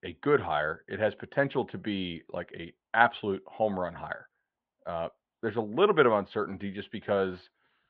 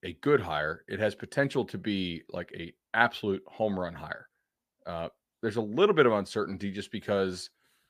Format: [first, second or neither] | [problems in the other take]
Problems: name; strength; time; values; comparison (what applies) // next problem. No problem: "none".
second | muffled; very; fading above 3.5 kHz